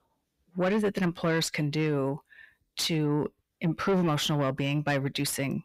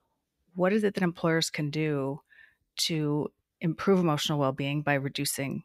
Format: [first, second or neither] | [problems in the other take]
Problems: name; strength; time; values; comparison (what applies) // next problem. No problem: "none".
second | distortion; slight; 10 dB below the speech